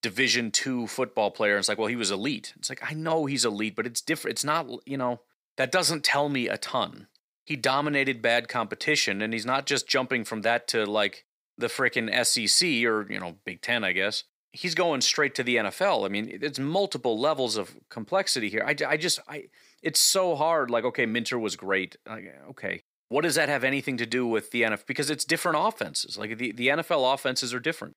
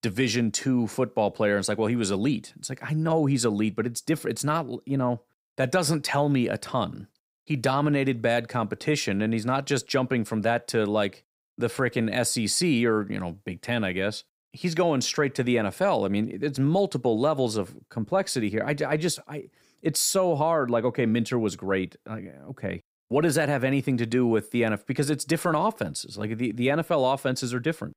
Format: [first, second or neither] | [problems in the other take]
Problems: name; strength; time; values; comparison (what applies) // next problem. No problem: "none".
second | thin; very slightly; fading below 500 Hz